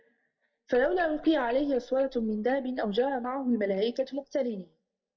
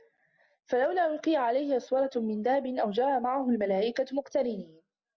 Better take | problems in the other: second | noise reduction (neural mask model DeepFilterNet 3)

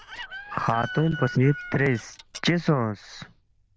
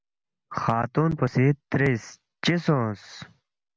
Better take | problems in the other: second | noise reduction (neural diffusion model UNIVERSE++)

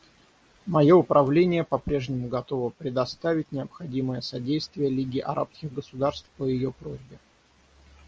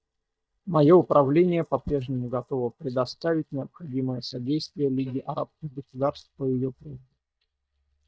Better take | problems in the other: first | noise reduction (neural mask model DeepFilterNet 3)

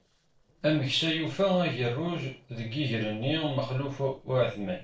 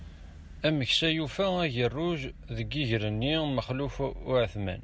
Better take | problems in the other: second | noise reduction (neural separator model SepFormer DNS4)

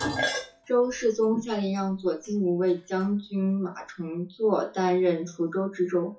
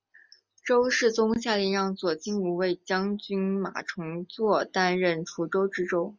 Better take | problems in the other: second | noise reduction (classical method WPE with log-MMSE)

